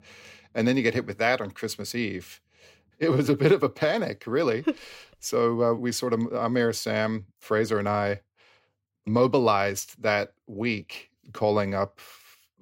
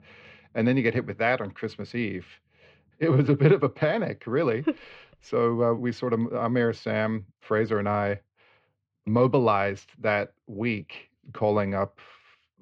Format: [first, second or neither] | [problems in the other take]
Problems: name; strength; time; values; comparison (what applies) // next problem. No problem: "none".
first | muffled; slightly; fading above 3 kHz